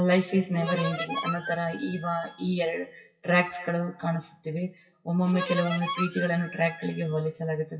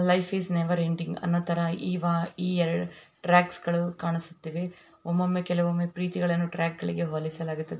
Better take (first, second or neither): second